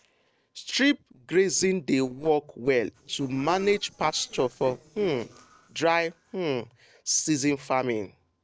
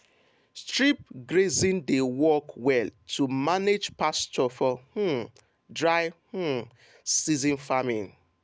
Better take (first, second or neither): second